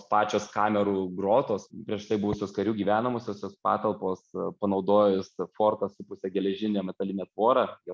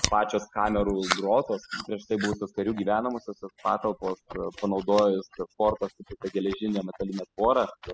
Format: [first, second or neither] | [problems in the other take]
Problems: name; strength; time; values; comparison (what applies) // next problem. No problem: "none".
first | noise reduction (classical method spectral subtraction)